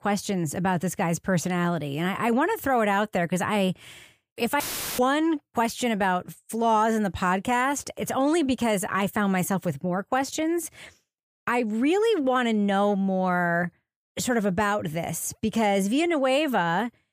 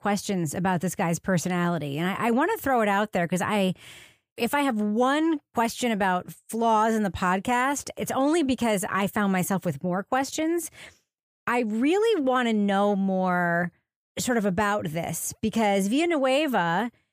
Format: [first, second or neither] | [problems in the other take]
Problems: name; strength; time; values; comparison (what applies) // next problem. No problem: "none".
second | audio cutting out; filled with static; at 4.5 s